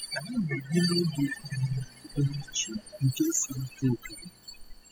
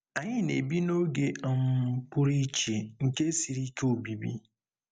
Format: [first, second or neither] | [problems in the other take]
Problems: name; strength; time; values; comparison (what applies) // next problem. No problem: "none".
second | noise reduction (classical method spectral subtraction)